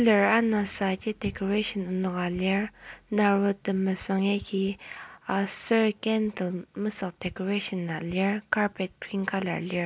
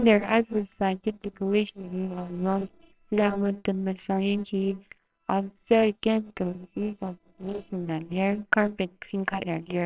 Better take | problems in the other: first | noise reduction (neural separator model SepFormer WHAMR!)

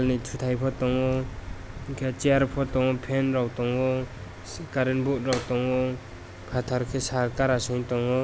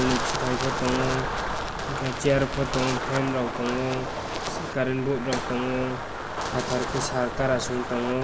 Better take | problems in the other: first | background sound (Wind); 3 dB below the speech // room echo; dies away in 1.2 s

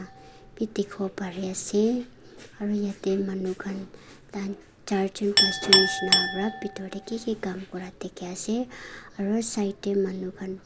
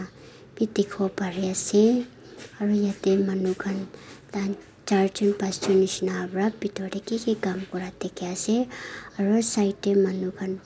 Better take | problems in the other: second | background sound (Chink, clink); 2 dB below the speech

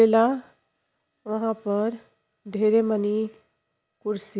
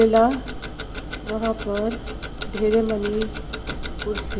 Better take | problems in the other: first | background sound (Tick-tock); 7 dB below the speech // room echo; dies away in 0.6 s

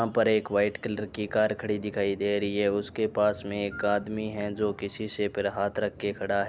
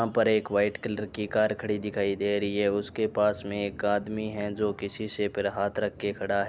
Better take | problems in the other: second | background sound (Wind instrument, woodwind instrument); 14 dB below the speech

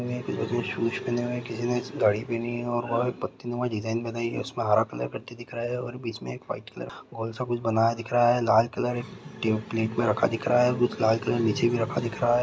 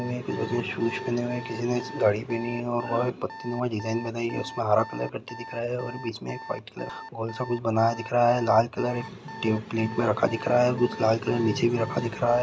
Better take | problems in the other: first | background sound (Alarm); 16 dB below the speech

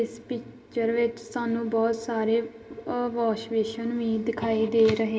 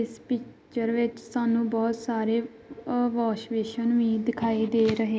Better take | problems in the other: second | room echo; dies away in 1.2 s

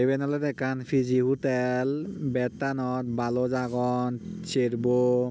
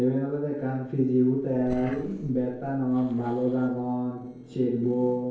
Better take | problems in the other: first | noise reduction (neural separator model SepFormer DNS4)

